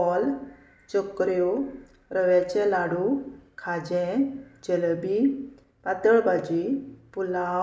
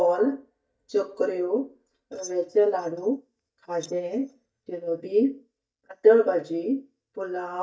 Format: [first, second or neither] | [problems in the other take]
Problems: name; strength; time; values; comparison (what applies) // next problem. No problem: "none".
first | noise reduction (neural mask model DeepFilterNet 3)